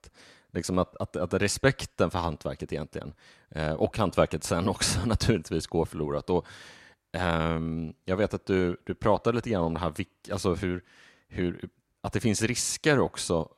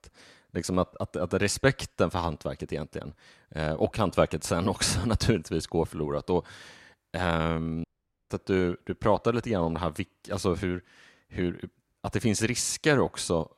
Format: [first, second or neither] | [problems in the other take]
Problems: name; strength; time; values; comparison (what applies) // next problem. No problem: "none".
first | audio cutting out; at 8 s